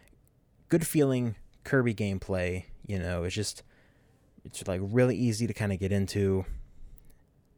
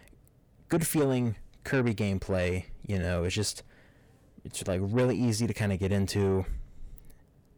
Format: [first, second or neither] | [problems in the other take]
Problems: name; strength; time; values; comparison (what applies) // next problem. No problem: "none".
first | distortion; slight; 10 dB below the speech